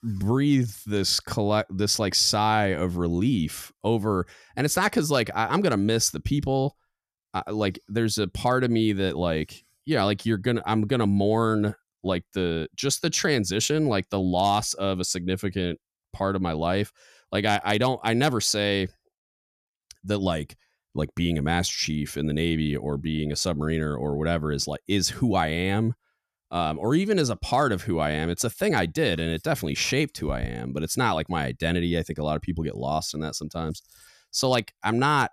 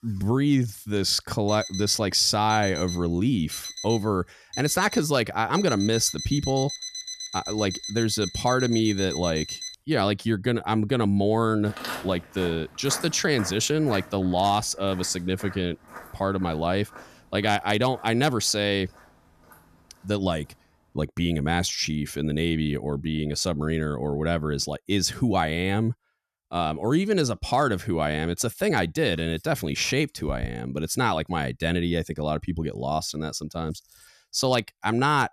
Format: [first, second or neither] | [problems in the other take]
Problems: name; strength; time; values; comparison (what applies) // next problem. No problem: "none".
first | alarm; noticeable; from 1.5 to 10 s; peak 7 dB below the speech // footsteps; noticeable; from 12 to 20 s; peak 8 dB below the speech